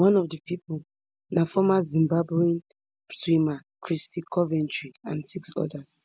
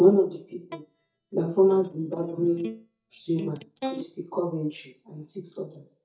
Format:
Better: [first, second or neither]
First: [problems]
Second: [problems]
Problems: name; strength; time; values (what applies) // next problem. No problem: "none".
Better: first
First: none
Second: noise reduction (neural mask model DeepFilterNet 3)